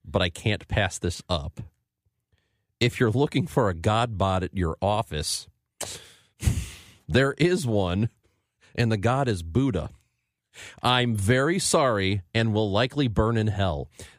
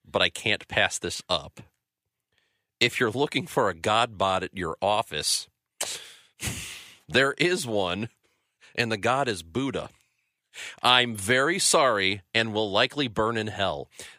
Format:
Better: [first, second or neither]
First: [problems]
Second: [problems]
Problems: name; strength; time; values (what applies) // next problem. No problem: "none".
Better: first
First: none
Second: thin; somewhat; fading below 1 kHz